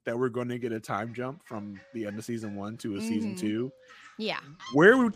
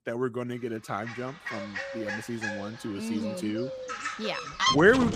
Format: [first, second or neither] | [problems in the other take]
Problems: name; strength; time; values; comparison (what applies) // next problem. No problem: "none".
first | animal sounds; loud; from 1 s on; 3 dB below the speech; faint in the first